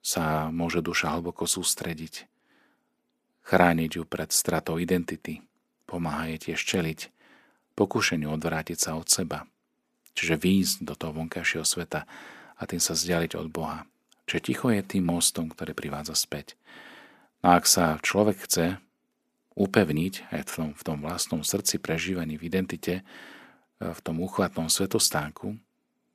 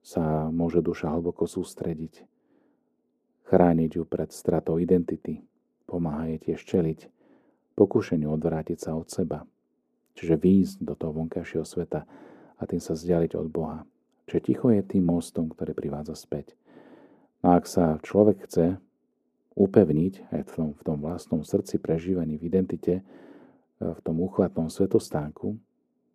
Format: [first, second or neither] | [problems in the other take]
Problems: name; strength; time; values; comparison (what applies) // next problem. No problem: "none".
first | muffled; very; fading above 1 kHz